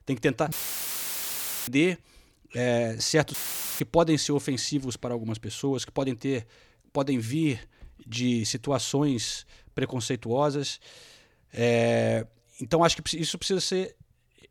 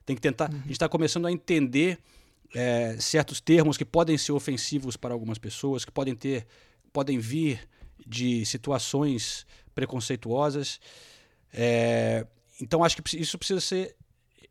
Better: second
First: audio cutting out; filled with static; at 0.5 s for 1 s and at 3.5 s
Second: none

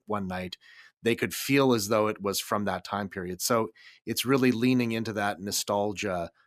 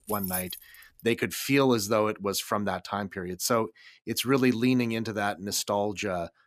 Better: first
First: none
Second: jangling keys; noticeable; at the start; peak 5 dB below the speech

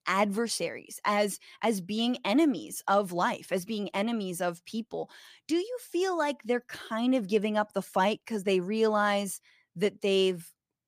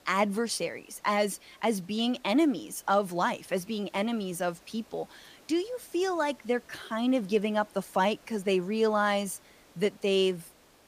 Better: first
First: none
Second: hiss; faint; throughout; 30 dB below the speech

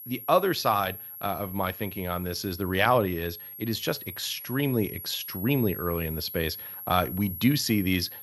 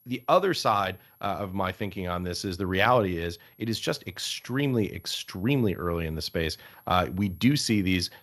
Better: second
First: high-pitched whine; loud; throughout; 11.5 kHz, 10 dB below the speech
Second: high-pitched whine; faint; throughout; 11.5 kHz, 30 dB below the speech

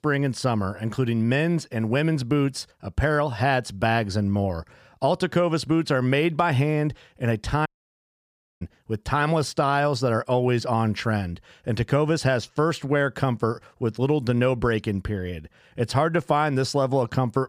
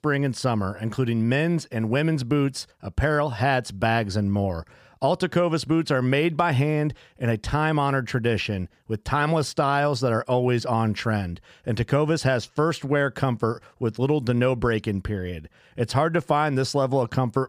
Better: second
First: audio cutting out; at 7.5 s for 1 s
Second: none

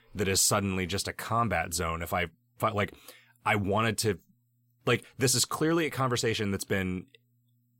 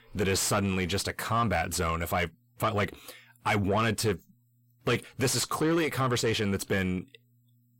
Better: first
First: none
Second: distortion; slight; 10 dB below the speech

